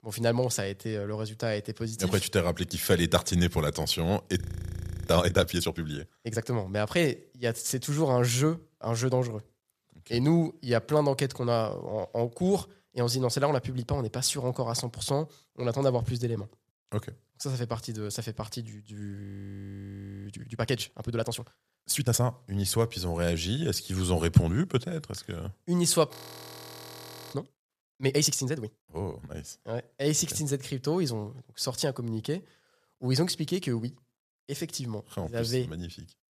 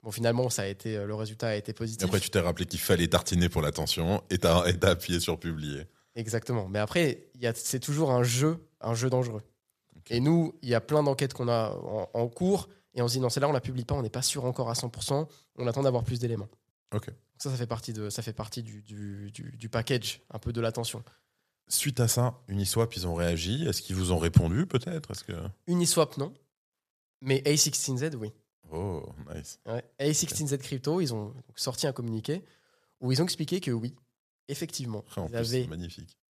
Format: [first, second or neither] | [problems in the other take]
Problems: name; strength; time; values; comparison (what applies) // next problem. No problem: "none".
second | audio freezing; at 4.5 s for 0.5 s, at 19 s for 1 s and at 26 s for 1 s